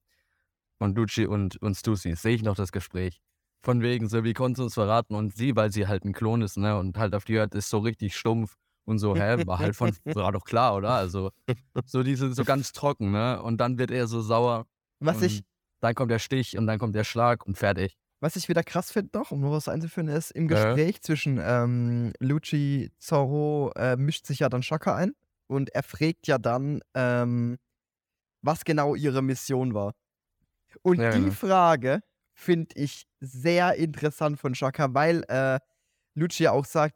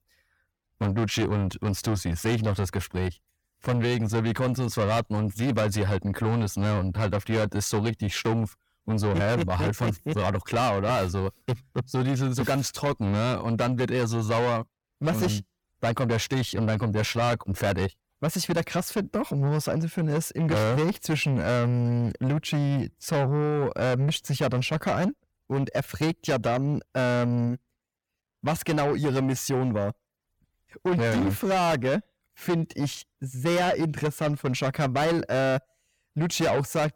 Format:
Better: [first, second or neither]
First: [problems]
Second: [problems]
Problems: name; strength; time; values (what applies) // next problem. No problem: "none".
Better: first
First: none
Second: distortion; heavy; 7 dB below the speech